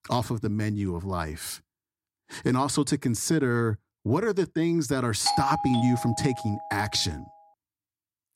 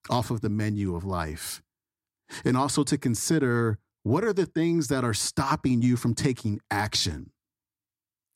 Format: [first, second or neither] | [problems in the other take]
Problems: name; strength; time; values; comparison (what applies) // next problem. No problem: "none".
second | doorbell; loud; from 5.5 to 6.5 s; peak level with the speech